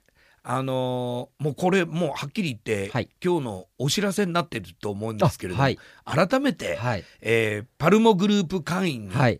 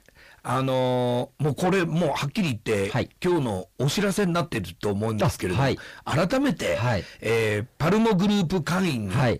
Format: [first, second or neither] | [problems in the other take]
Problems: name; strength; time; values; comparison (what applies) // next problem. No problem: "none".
first | distortion; heavy; 6 dB below the speech